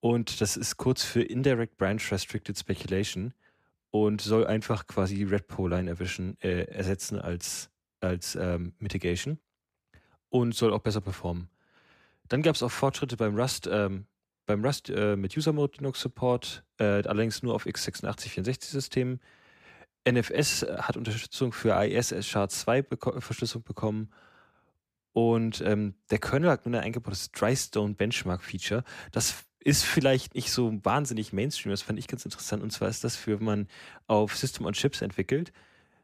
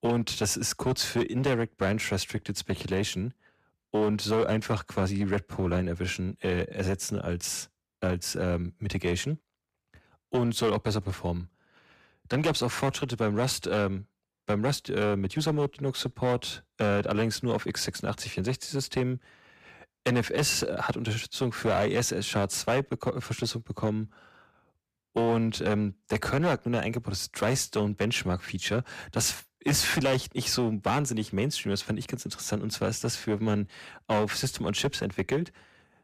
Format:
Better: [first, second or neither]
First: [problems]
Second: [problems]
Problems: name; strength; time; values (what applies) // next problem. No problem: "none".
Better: first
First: none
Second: distortion; slight; 6% of the sound clipped